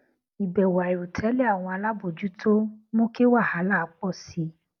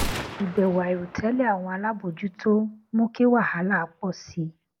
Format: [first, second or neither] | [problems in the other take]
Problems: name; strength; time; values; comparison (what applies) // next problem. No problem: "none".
first | background sound (Gunshot, gunfire); 13 dB below the speech